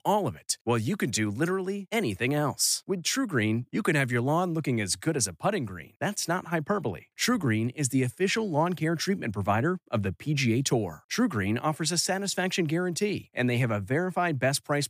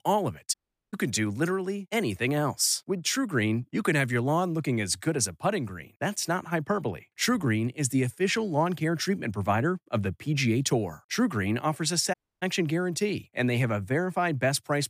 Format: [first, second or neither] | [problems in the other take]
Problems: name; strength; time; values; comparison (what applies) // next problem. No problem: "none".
first | audio cutting out; at 0.5 s and at 12 s